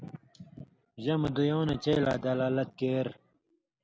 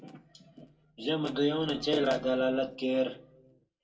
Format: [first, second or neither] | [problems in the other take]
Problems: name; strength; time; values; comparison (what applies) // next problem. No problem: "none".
first | room echo; dies away in 0.2 s